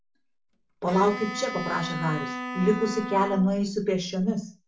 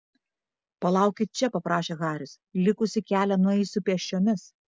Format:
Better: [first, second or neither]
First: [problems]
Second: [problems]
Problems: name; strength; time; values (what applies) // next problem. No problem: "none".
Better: second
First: background sound (Bowed string instrument); 9 dB below the speech // room echo; dies away in 0.3 s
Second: none